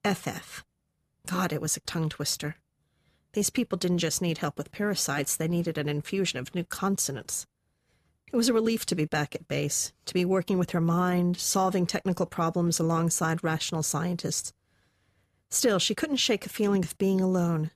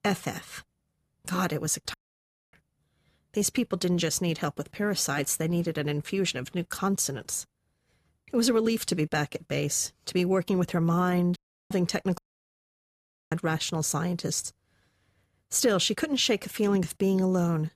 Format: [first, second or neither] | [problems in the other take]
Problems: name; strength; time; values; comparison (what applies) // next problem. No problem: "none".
first | audio cutting out; at 2 s for 0.5 s, at 11 s and at 12 s for 1 s